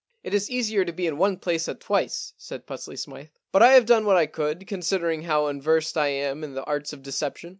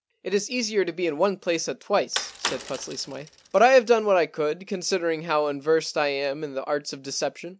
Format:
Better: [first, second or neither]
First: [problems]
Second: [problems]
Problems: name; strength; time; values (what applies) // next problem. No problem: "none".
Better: first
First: none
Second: background sound (Bicycle); 11 dB below the speech